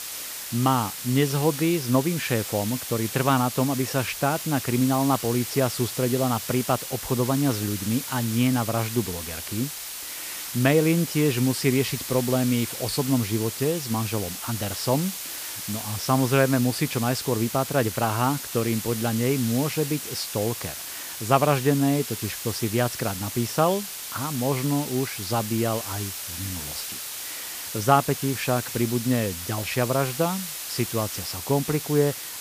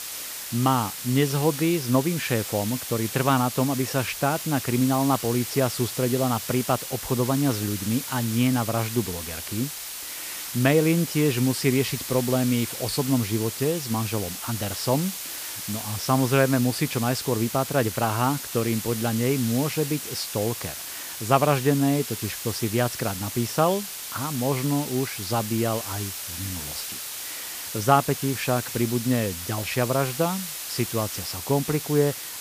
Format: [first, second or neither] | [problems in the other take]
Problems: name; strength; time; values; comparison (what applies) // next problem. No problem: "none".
neither | hiss; loud; throughout; 7 dB below the speech; the same in both